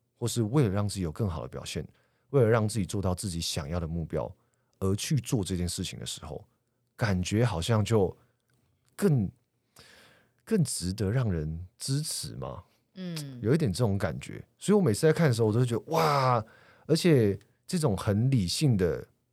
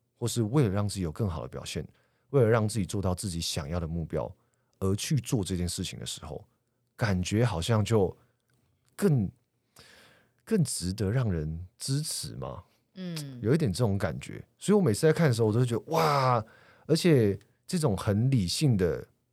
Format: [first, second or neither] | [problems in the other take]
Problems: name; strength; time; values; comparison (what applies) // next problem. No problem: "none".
neither | none